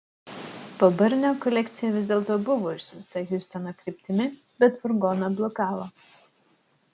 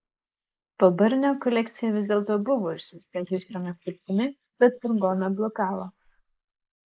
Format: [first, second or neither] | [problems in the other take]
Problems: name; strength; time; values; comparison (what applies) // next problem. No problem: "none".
first | noise reduction (neural mask model Resemble Enhance denoiser)